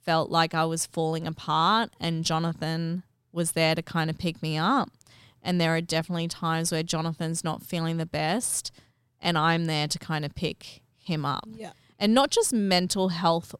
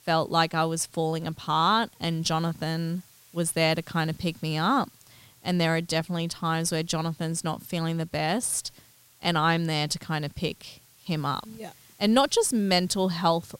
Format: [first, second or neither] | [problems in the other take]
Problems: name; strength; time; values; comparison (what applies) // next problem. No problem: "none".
first | hiss; faint; throughout; 30 dB below the speech